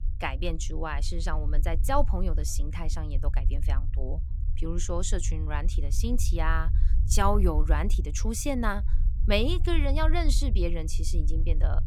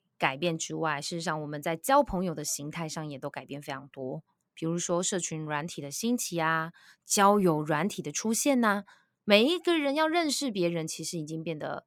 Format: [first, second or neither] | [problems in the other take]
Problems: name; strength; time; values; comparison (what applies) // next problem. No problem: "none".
second | low rumble; noticeable; throughout; 15 dB below the speech